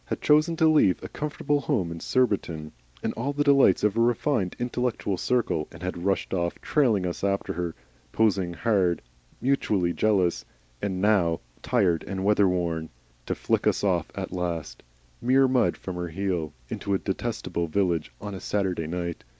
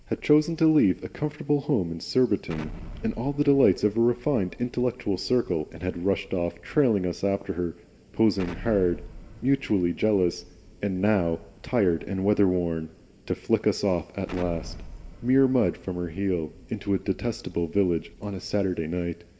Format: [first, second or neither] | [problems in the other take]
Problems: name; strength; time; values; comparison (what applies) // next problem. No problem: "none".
first | background sound (Explosion); 19 dB below the speech // room echo; dies away in 1.8 s